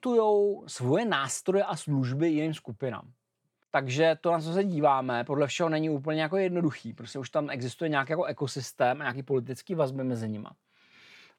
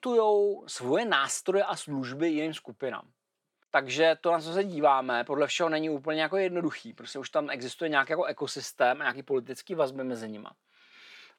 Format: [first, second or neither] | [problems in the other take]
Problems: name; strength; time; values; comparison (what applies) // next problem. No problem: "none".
first | thin; very slightly; fading below 300 Hz